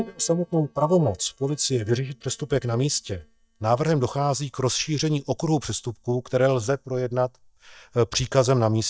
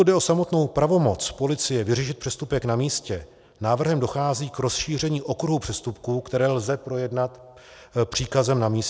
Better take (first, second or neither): second